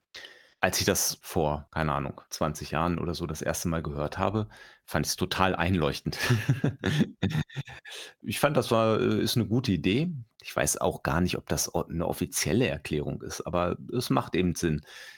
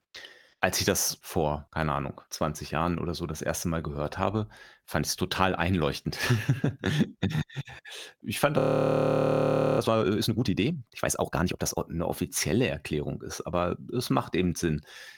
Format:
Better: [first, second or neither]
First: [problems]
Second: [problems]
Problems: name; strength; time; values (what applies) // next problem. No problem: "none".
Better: first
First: none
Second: audio freezing; at 8.5 s for 1 s